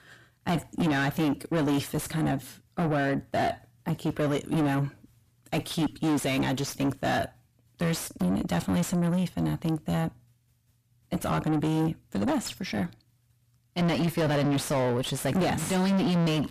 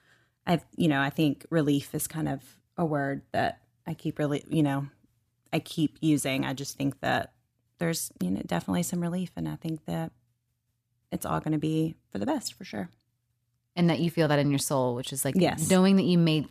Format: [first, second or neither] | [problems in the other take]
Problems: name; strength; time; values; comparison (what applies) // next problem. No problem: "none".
second | distortion; heavy; 5 dB below the speech